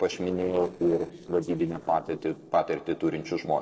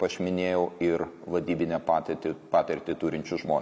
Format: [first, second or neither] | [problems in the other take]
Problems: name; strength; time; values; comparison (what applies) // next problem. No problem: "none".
second | noise reduction (neural separator model SepFormer DNS4)